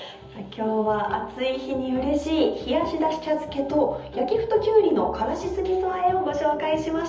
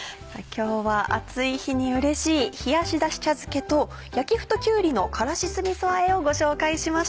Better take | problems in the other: second | room echo; dies away in 0.7 s

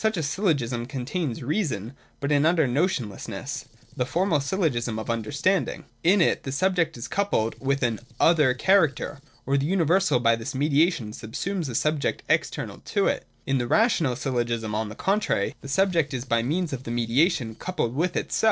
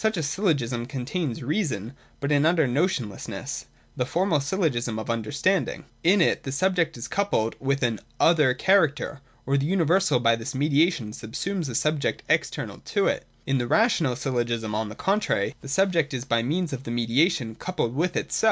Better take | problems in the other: second | noise reduction (neural separator model SepFormer DNS4)

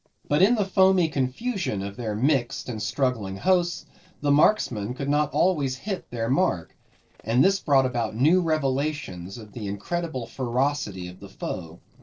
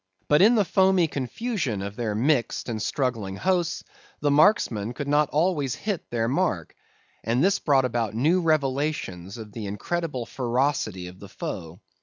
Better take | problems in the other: second | noise reduction (neural separator model SepFormer DNS4)

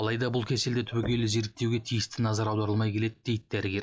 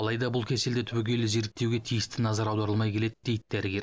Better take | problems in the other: second | noise reduction (classical method log-MMSE)

